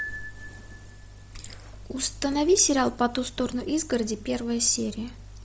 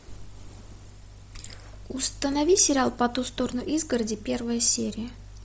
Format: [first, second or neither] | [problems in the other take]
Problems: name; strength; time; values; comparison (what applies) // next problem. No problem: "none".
second | background sound (Piano); 20 dB below the speech